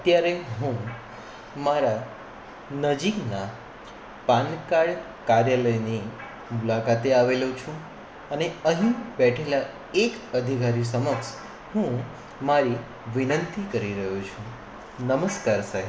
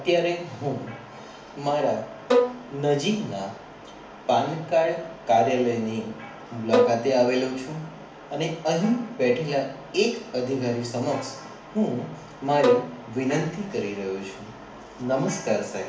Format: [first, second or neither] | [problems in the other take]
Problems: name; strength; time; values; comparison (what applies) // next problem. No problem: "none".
first | background sound (Bowed string instrument); 1 dB below the speech // room echo; dies away in 0.4 s